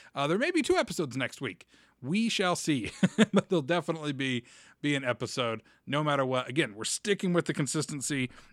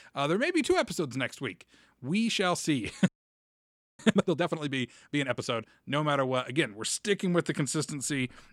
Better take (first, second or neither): first